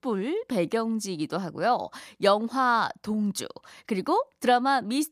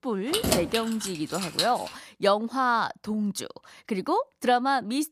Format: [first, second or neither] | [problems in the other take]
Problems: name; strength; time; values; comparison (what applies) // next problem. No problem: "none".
first | jangling keys; loud; until 2 s; peak 2 dB above the speech